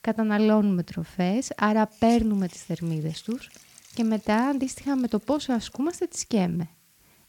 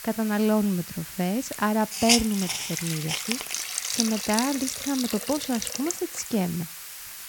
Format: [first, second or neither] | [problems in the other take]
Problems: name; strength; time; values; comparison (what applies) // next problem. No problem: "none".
first | hiss; loud; throughout; 2 dB below the speech; faint in the first